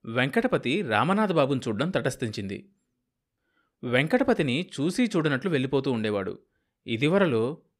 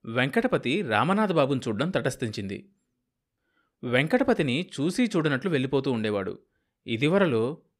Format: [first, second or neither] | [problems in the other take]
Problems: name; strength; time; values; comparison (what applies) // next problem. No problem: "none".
neither | none